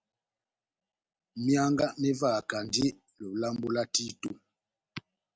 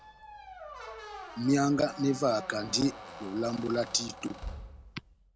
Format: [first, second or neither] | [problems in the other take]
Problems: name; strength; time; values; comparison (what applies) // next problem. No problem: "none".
first | background sound (Squeak); 13 dB below the speech